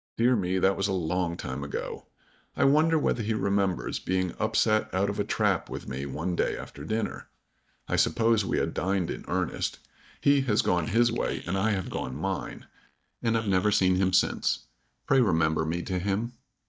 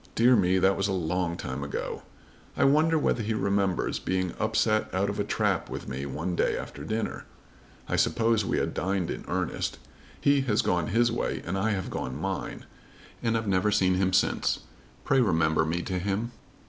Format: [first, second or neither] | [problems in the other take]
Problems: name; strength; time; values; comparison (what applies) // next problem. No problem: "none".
second | noise reduction (neural mask model DeepFilterNet 3)